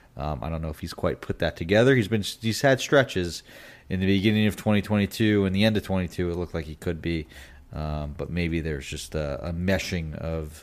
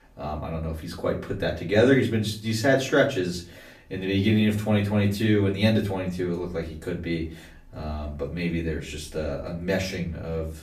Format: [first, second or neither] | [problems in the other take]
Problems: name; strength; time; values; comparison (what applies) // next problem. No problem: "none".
first | off-mic speech; far // room echo; very slight; dies away in 0.3 s